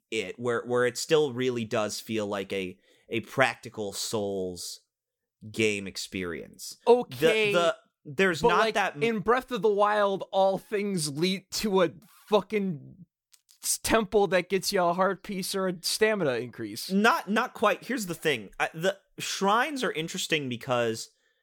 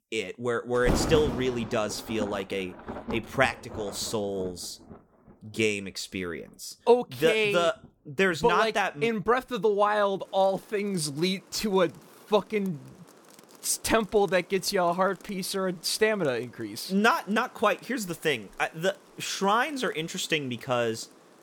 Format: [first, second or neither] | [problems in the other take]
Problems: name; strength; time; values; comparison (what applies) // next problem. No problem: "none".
first | rain or running water; noticeable; throughout; 10 dB below the speech